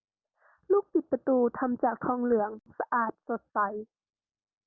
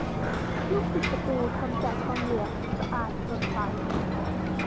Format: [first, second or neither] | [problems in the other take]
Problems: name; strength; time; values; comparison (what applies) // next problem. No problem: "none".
first | background sound (Ocean); 5 dB above the speech